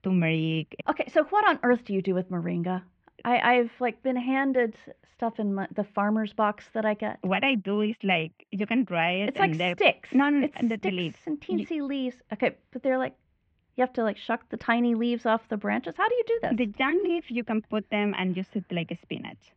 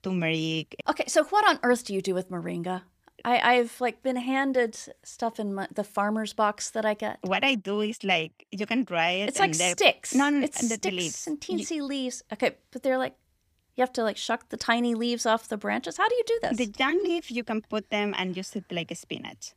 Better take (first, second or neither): second